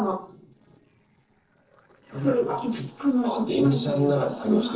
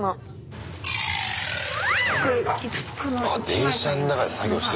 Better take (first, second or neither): second